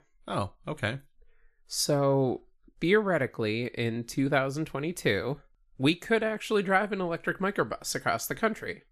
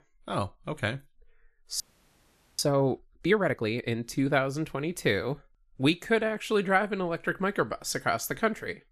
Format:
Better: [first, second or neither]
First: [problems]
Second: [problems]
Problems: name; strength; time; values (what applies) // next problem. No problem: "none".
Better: first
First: none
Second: audio freezing; at 2 s for 1 s